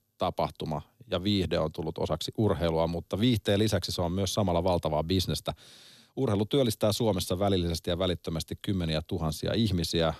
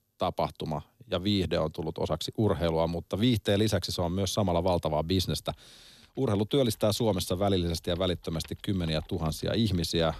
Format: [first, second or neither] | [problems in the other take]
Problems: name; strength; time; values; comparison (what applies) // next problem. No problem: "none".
first | household noises; faint; throughout; 25 dB below the speech